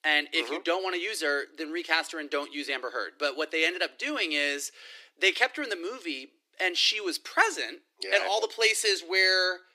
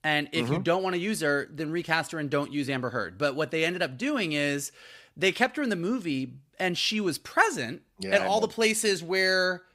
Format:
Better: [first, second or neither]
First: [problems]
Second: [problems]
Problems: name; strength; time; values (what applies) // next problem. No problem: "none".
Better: second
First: thin; somewhat; fading below 300 Hz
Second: none